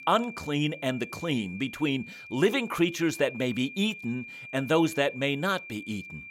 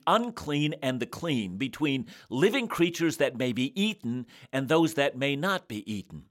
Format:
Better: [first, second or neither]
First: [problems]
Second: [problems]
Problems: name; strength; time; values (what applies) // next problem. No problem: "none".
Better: second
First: high-pitched whine; noticeable; throughout; 2.5 kHz, 15 dB below the speech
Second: none